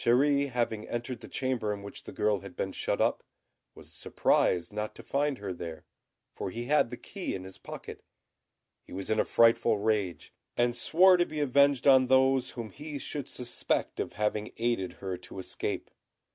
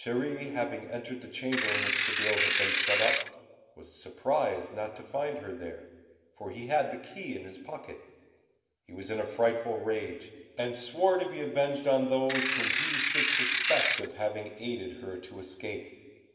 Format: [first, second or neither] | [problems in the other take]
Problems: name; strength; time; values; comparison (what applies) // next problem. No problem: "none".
first | background sound (Ratchet, pawl / Percussion); 4 dB above the speech // room echo; dies away in 1.4 s